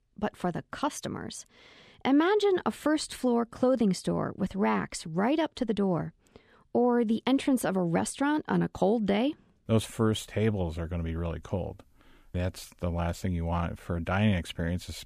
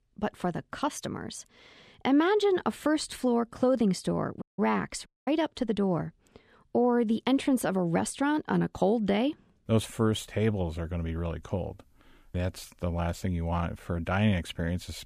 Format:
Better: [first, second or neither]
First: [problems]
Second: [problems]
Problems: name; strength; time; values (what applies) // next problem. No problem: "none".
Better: first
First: none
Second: audio cutting out; at 4.5 s and at 5 s